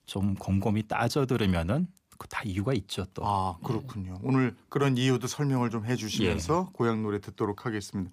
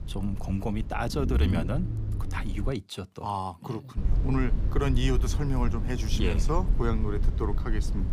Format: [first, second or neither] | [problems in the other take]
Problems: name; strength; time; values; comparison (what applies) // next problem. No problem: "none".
first | low rumble; loud; until 2.5 s and from 4 s on; 10 dB below the speech